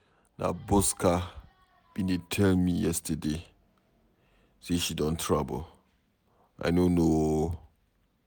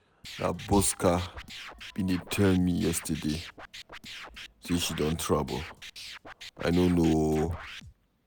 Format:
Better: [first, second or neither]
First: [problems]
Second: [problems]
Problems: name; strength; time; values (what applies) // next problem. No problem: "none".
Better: first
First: none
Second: background sound (Scratching (performance technique)); 15 dB below the speech